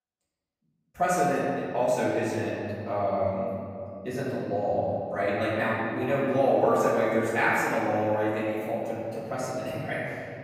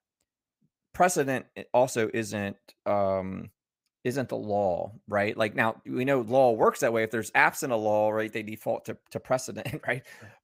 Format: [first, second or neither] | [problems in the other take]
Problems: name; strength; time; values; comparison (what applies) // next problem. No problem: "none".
second | room echo; strong; dies away in 2.5 s // off-mic speech; far